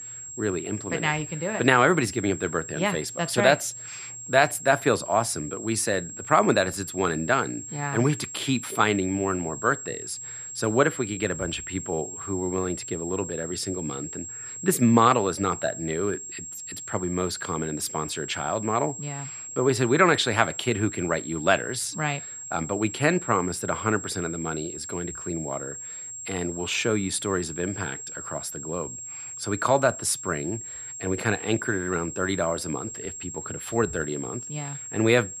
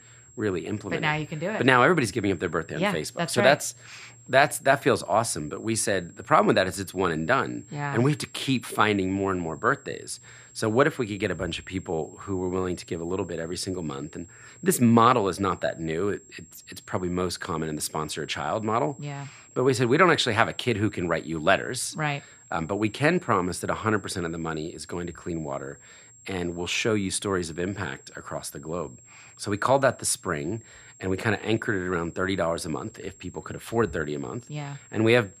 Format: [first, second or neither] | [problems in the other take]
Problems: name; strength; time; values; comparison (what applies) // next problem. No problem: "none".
second | high-pitched whine; loud; throughout; 7.5 kHz, 9 dB below the speech; faint in the second